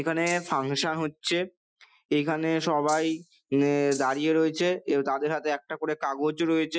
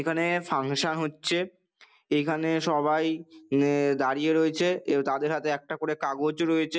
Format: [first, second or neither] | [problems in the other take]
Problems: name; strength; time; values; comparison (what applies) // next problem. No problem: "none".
second | noise reduction (classical method Wiener filter)